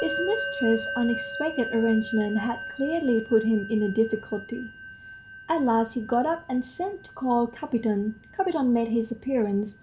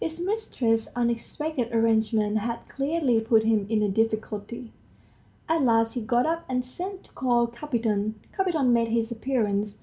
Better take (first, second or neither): second